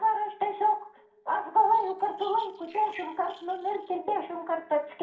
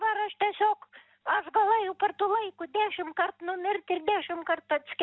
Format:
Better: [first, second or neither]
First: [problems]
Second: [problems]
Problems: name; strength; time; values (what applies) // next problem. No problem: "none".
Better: second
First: noise reduction (neural separator model SepFormer DNS4)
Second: none